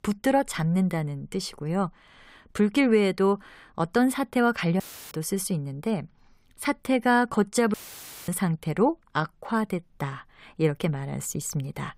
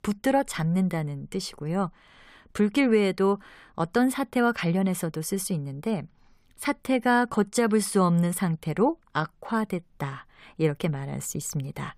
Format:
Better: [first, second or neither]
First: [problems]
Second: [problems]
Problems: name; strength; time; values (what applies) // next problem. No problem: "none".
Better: second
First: audio cutting out; filled with static; at 5 s and at 7.5 s for 0.5 s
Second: none